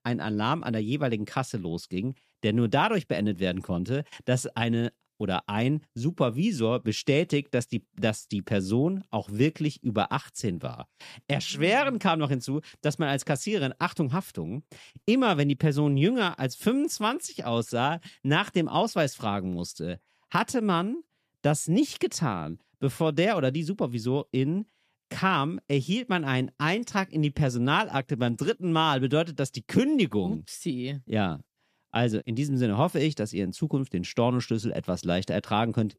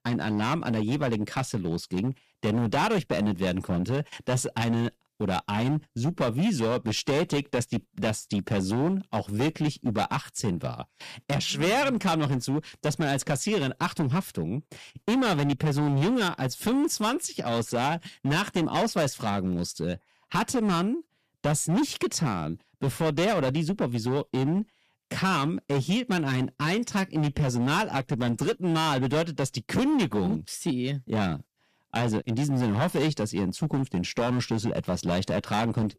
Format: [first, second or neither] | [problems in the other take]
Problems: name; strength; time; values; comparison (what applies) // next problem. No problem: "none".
first | distortion; heavy; 13% of the sound clipped